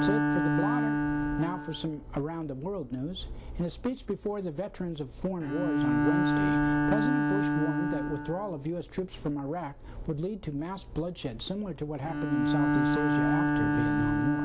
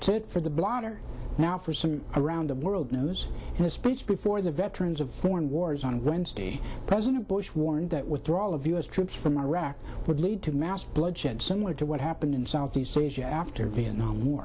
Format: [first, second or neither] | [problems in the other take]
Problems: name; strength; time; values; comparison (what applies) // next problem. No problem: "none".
second | background sound (Bowed string instrument); 4 dB above the speech